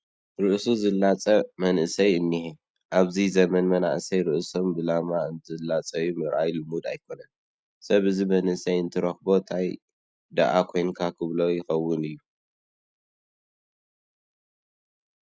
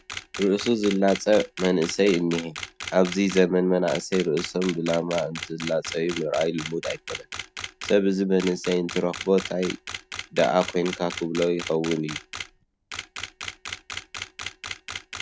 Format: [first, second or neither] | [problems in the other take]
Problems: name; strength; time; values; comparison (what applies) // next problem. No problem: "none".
first | background sound (Camera); 12 dB below the speech